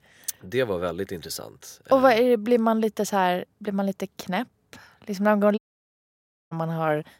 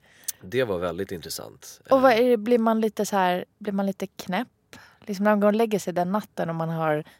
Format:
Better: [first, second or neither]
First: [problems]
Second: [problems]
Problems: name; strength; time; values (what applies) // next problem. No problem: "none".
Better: second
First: audio cutting out; at 5.5 s for 1 s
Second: none